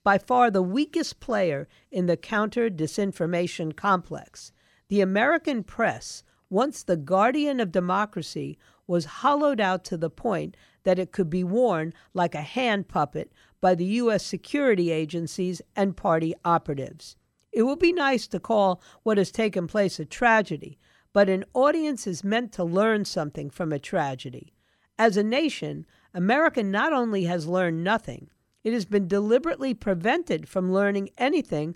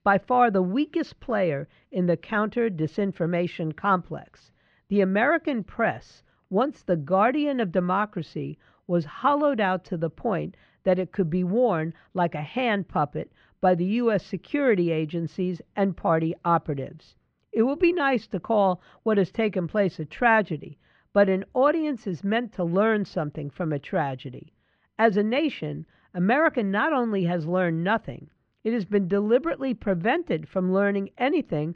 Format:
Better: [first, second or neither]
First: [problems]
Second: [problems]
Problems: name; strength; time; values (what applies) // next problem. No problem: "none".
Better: first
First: none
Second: muffled; slightly; fading above 3 kHz